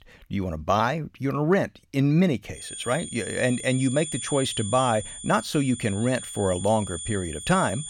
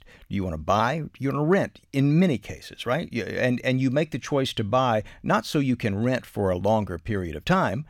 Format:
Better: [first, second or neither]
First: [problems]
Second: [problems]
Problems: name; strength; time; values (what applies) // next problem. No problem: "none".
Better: second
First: high-pitched whine; loud; from 2.5 s on; 9 kHz, 9 dB below the speech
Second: none